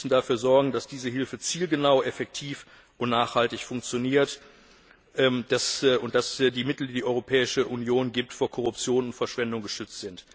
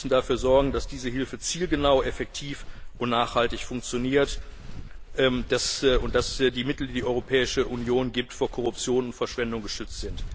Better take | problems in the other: first | background sound (Walk, footsteps); 9 dB below the speech

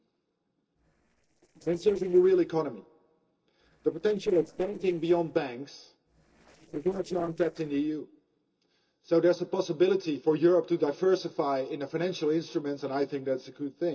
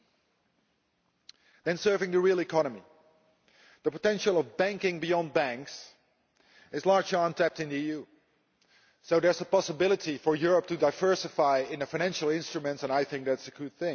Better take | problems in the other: second | noise reduction (neural separator model SepFormer DNS4)

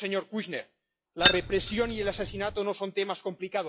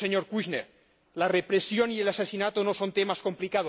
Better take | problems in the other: second | noise reduction (classical method log-MMSE)

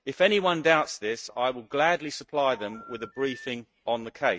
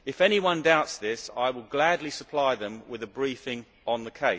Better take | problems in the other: second | noise reduction (neural mask model RNNoise)

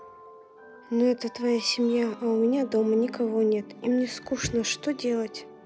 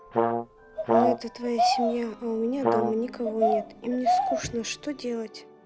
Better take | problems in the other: first | background sound (Brass instrument + Bird vocalization, bird call, bird song); 3 dB above the speech

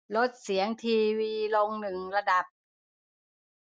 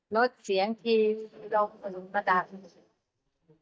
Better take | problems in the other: first | noise reduction (neural mask model DeepFilterNet 3)

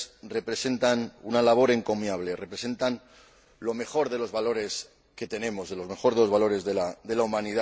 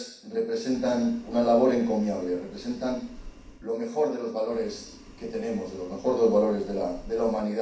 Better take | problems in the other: first | background sound (Boiling); 20 dB below the speech // room echo; dies away in 0.6 s

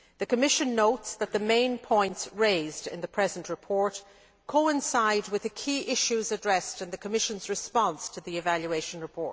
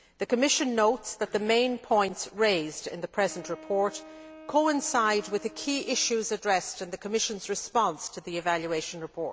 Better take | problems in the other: first | background sound (Wind instrument, woodwind instrument); 20 dB below the speech

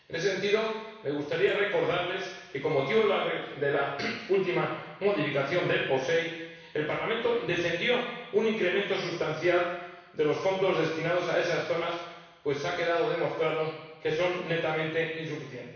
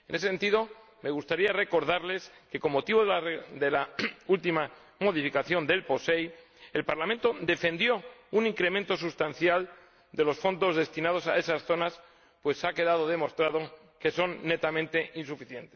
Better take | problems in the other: second | background sound (Wind instrument, woodwind instrument); 14 dB below the speech // room echo; dies away in 1.1 s

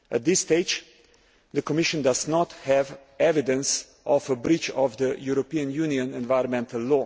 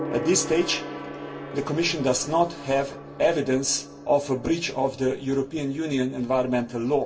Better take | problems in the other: first | background sound (Gong); 12 dB below the speech // room echo; dies away in 0.2 s

